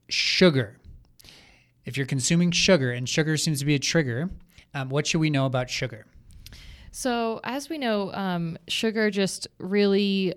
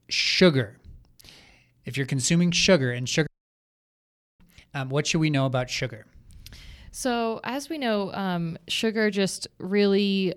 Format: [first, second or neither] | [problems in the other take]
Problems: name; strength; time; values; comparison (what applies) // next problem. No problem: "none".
first | audio cutting out; at 3.5 s for 1 s